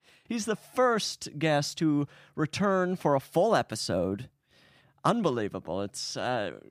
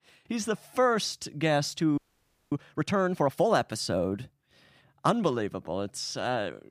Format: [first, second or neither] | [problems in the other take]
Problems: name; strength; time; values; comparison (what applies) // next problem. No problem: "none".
first | audio freezing; at 2 s for 0.5 s